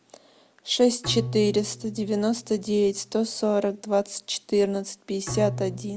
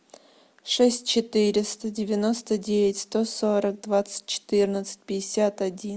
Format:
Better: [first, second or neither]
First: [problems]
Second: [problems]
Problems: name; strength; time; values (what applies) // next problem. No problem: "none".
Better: second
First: background sound (Bowed string instrument); 13 dB below the speech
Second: none